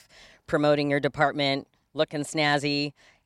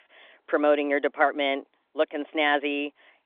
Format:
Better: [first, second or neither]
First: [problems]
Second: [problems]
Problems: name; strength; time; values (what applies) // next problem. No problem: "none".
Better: first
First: none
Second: phone-call audio; nothing above 3.5 kHz